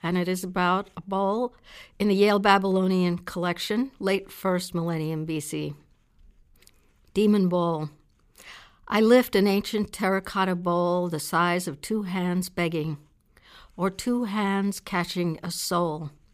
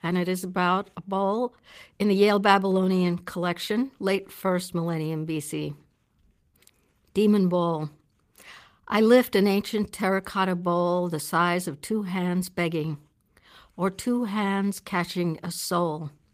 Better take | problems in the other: first | garbled, watery; slightly; nothing above 15 kHz

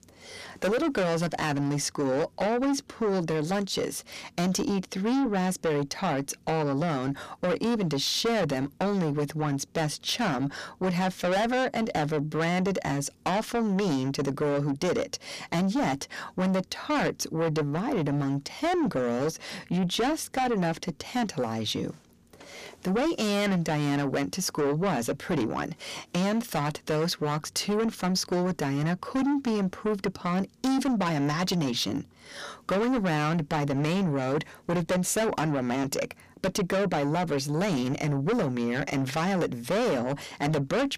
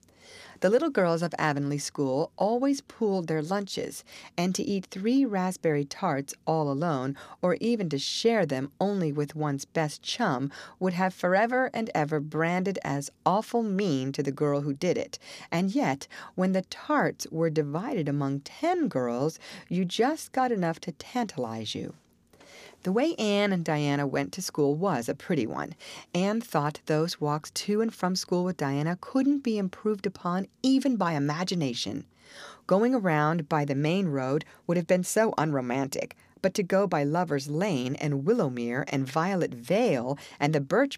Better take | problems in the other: second | distortion; heavy; 7 dB below the speech

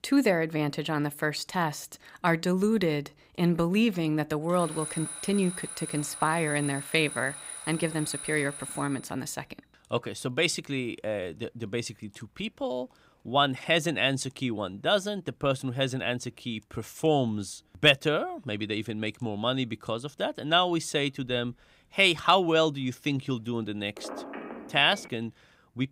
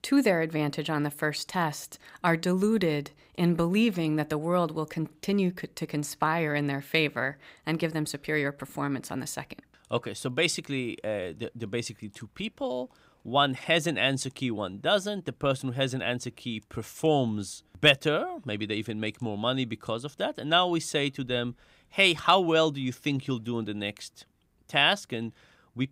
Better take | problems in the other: second | alarm; noticeable; from 4.5 to 9 s; peak 7 dB below the speech // phone ringing; faint; from 24 to 25 s; peak 10 dB below the speech

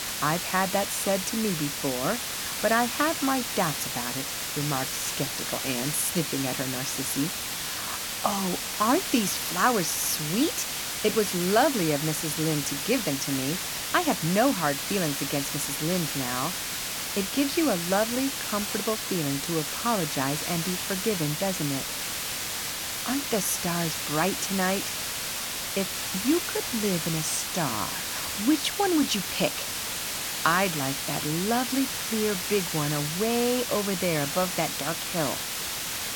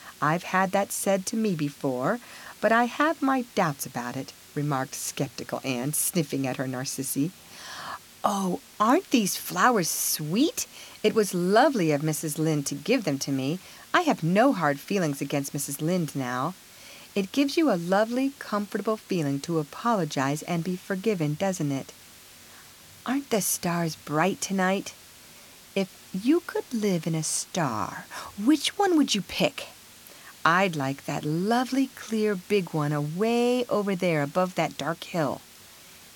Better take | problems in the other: second | hiss; loud; throughout; 1 dB below the speech; faint in the second

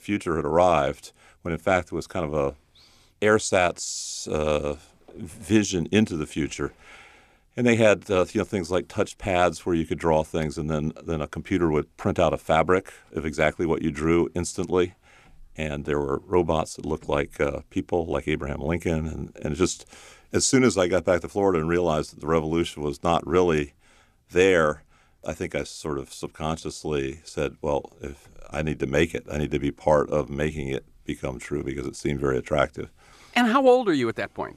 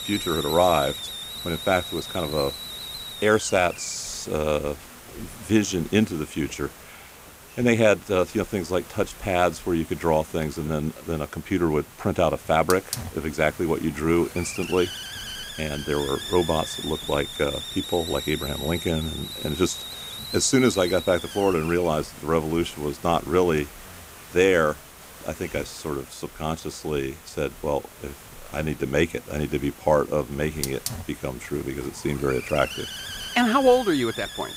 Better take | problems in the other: first | hiss; noticeable; throughout; 10 dB below the speech

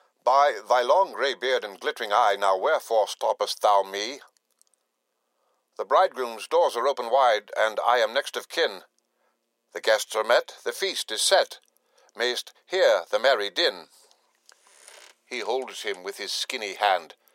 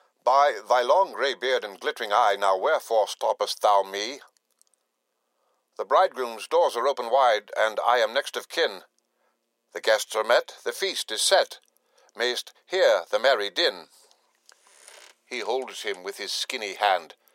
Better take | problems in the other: neither | thin; very; fading below 500 Hz; the same in both

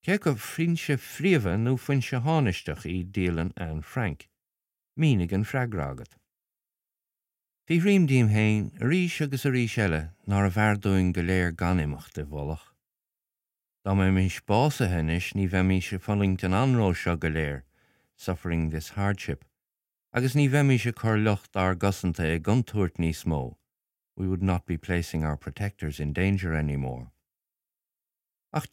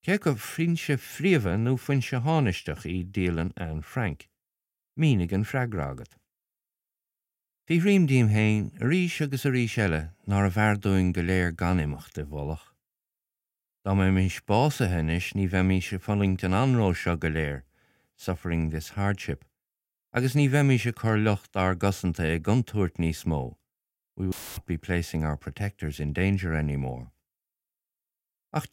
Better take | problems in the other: first | audio cutting out; filled with static; at 24 s

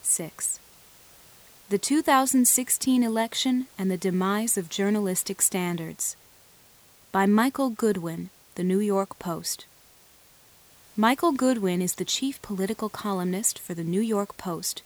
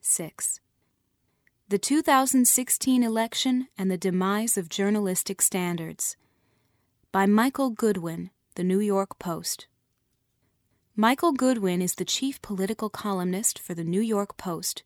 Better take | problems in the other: second | hiss; faint; throughout; 25 dB below the speech

